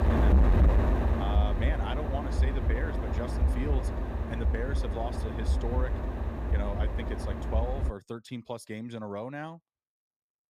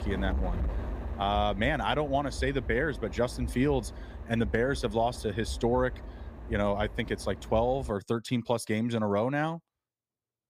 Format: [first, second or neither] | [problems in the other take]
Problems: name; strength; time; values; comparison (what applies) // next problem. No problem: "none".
second | wind noise on the microphone; heavy; until 8 s; 1 dB above the speech; occasional gusts in the second